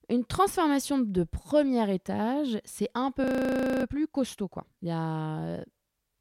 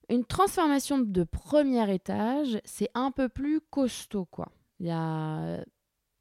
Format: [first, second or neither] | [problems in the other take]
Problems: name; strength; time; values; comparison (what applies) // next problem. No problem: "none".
second | audio freezing; at 3 s for 0.5 s